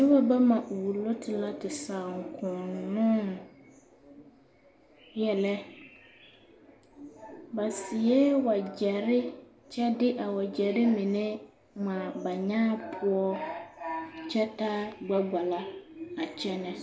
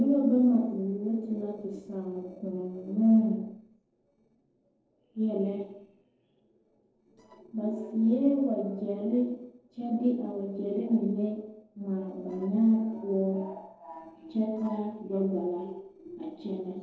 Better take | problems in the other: first | noise reduction (neural separator model SepFormer DNS4)

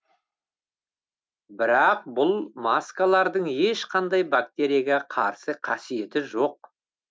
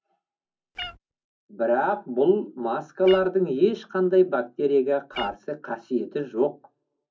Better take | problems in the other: first | background sound (Meow); 15 dB below the speech // room echo; dies away in 0.3 s

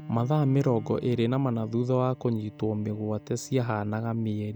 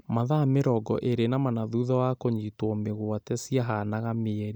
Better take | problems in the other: second | background sound (Bowed string instrument); 18 dB below the speech

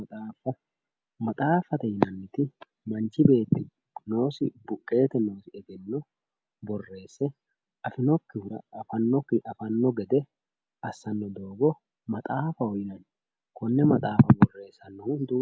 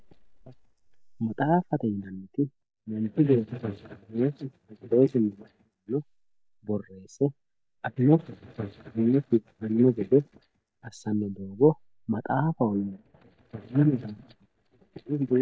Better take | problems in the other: first | noise reduction (neural mask model DeepFilterNet 3)

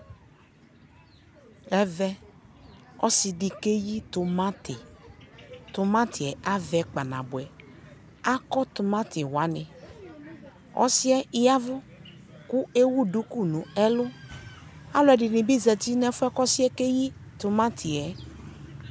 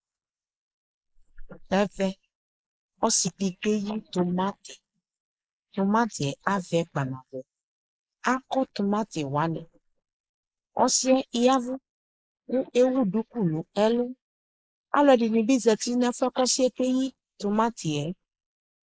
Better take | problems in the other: first | noise reduction (neural mask model Resemble Enhance denoiser)

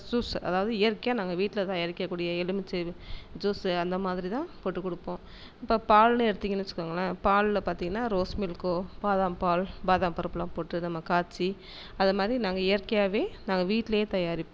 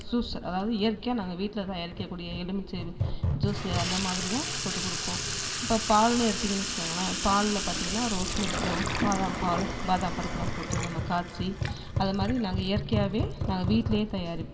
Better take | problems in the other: first | background sound (Sink (filling or washing) / Water tap, faucet); 3 dB below the speech // room echo; dies away in 1.9 s

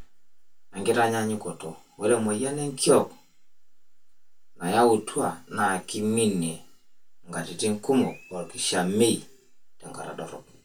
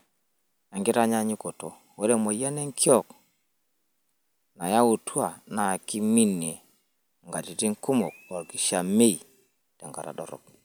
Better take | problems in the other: second | room echo; dies away in 0.1 s

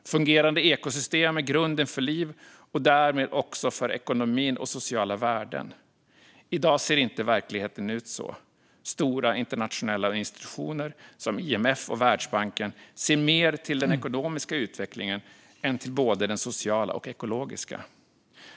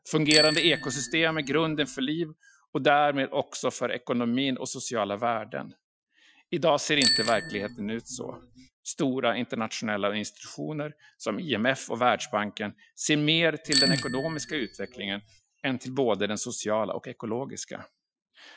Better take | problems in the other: first | noise reduction (classical method Wiener filter)

